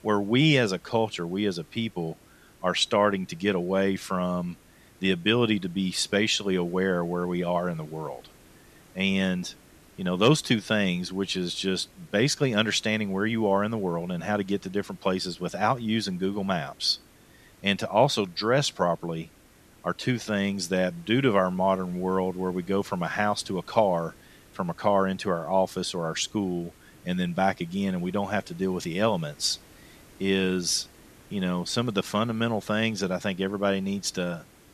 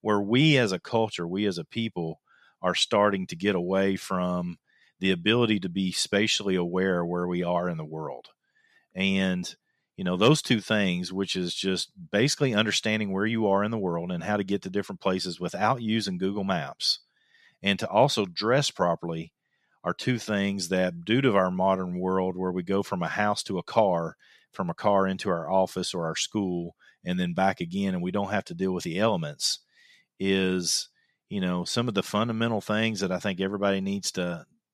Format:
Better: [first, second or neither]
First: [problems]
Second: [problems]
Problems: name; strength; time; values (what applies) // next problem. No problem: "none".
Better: second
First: hiss; faint; throughout; 25 dB below the speech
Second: none